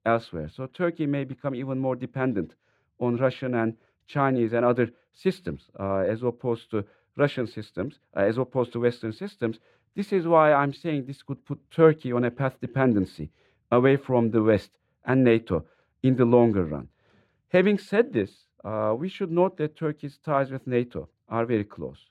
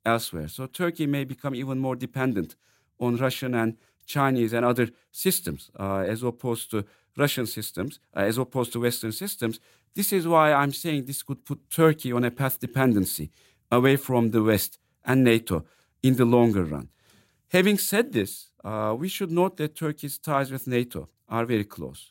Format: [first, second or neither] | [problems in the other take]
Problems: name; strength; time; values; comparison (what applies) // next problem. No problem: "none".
second | muffled; very; fading above 2.5 kHz